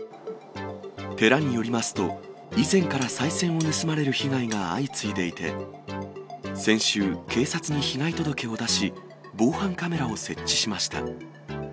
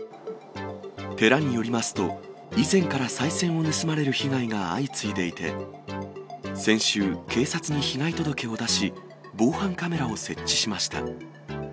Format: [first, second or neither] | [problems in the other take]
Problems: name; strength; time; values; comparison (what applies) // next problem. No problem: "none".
second | background sound (Cutlery, silverware); 17 dB below the speech